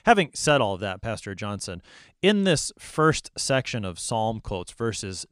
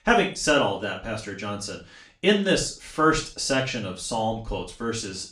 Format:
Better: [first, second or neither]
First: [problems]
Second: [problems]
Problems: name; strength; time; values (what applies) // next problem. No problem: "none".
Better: first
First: none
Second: room echo; slight; dies away in 0.3 s // off-mic speech; far